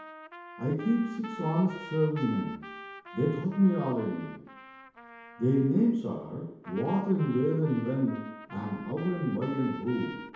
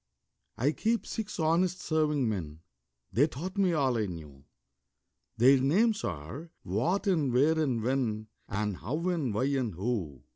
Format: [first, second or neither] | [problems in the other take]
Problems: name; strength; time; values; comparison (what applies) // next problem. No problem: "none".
second | background sound (Trumpet); 16 dB below the speech // room echo; dies away in 1 s